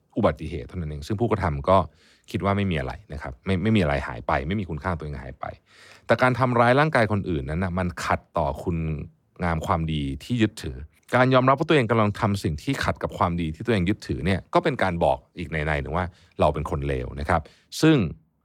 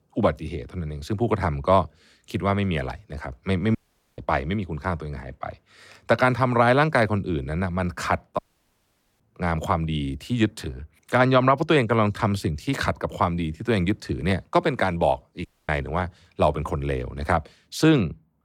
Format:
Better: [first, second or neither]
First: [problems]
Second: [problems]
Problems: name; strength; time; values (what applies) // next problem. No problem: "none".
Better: first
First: none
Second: audio cutting out; at 4 s, at 8.5 s for 1 s and at 15 s